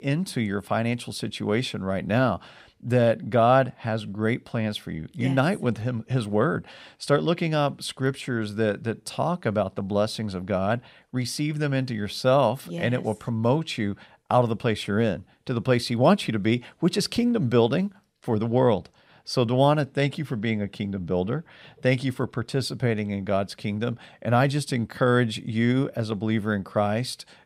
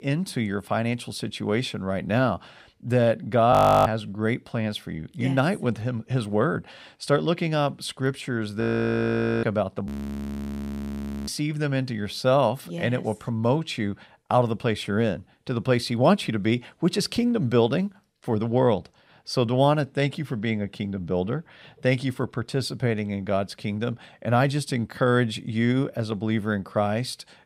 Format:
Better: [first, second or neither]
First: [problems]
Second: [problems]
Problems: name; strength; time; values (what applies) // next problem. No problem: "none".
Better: first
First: none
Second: audio freezing; at 3.5 s, at 8.5 s for 1 s and at 10 s for 1.5 s